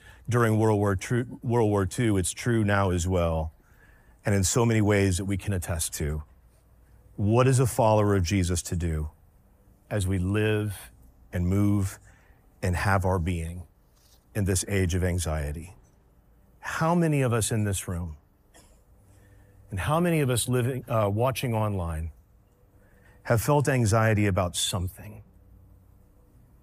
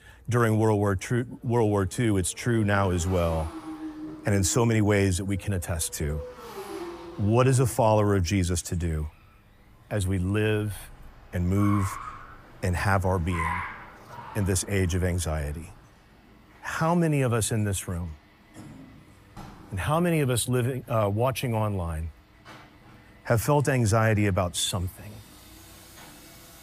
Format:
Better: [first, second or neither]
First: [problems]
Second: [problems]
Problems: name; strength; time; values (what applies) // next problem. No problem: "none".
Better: first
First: none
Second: traffic noise; noticeable; throughout; 15 dB below the speech